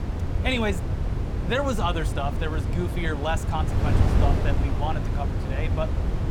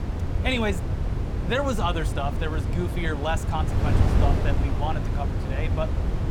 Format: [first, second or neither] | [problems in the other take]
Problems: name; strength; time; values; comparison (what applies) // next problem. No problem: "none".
neither | wind noise on the microphone; heavy; 6 dB below the speech; the same in both